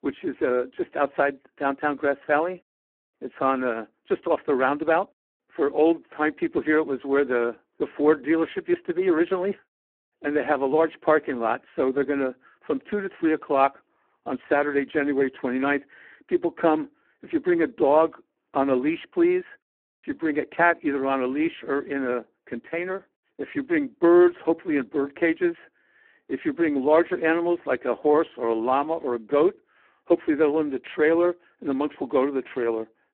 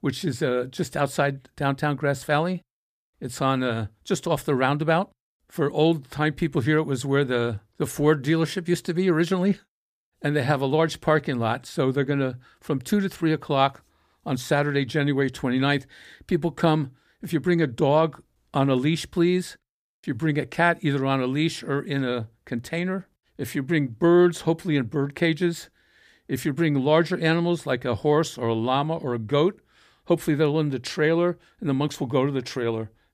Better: second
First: phone-call audio; poor line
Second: none

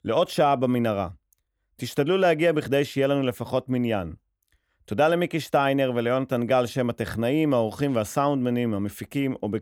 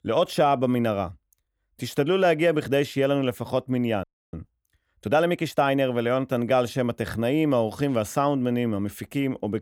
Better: first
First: none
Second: audio freezing; at 4 s

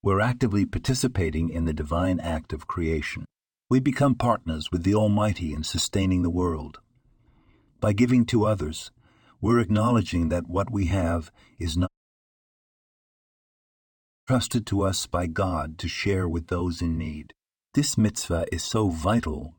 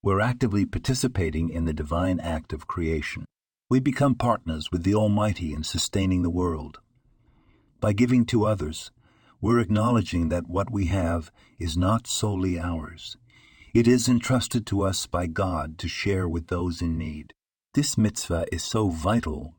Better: second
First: audio cutting out; at 12 s for 2.5 s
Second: none

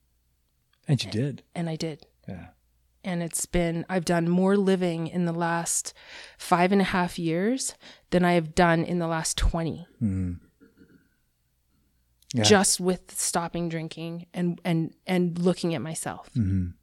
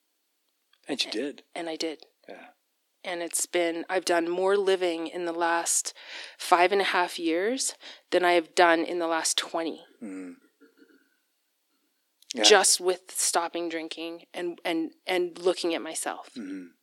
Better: first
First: none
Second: thin; very; fading below 300 Hz

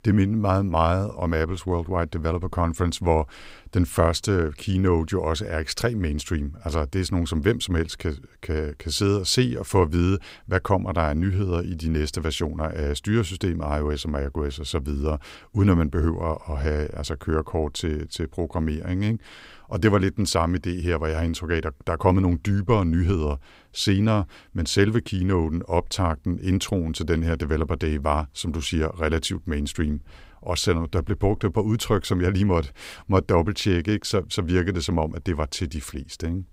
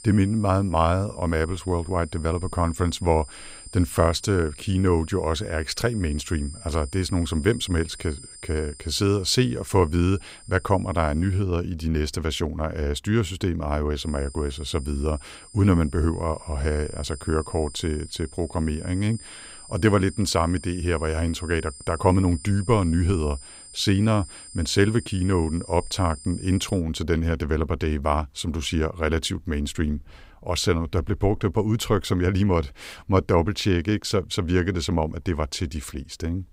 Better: first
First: none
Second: high-pitched whine; noticeable; until 11 s and from 14 to 27 s; 9 kHz, 15 dB below the speech

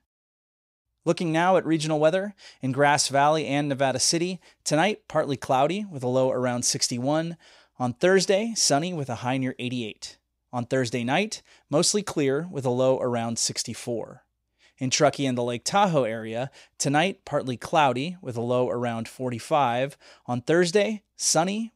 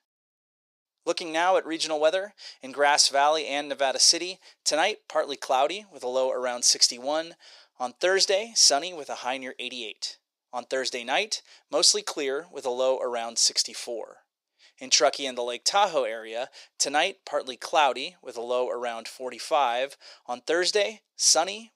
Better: first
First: none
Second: thin; very; fading below 400 Hz

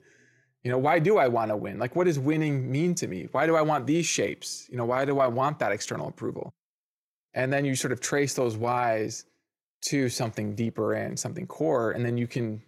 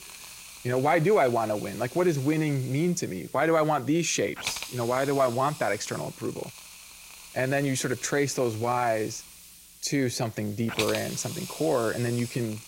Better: first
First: none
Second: hiss; noticeable; throughout; 15 dB below the speech

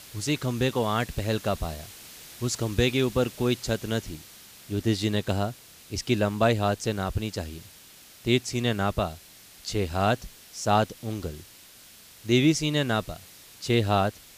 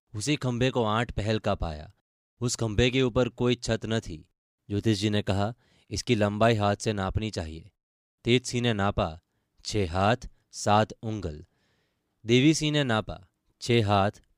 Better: second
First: hiss; noticeable; throughout; 20 dB below the speech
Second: none

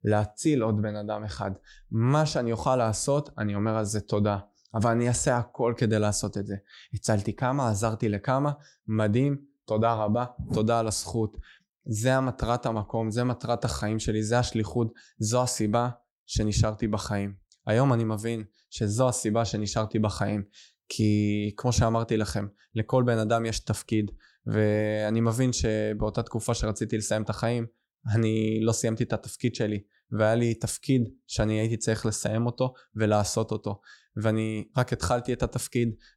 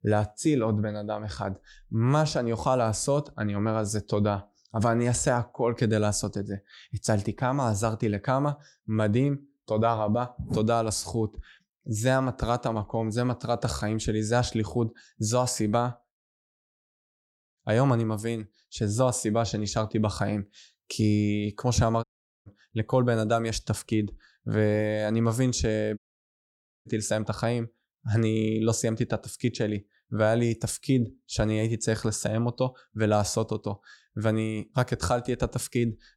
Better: first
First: none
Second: audio cutting out; at 16 s for 1.5 s, at 22 s and at 26 s for 1 s

